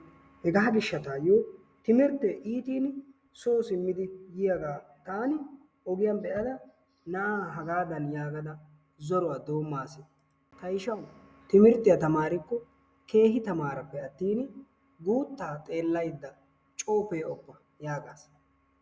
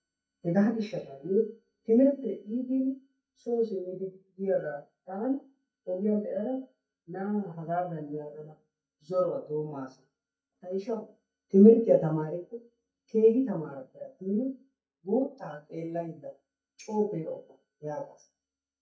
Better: first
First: none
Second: noise reduction (neural mask model DeepFilterNet 3)

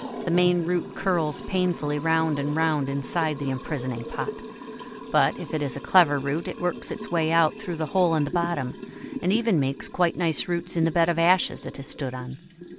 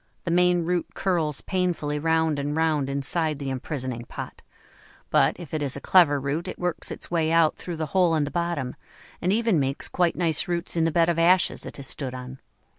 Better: second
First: background sound (Liquid); 12 dB below the speech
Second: none

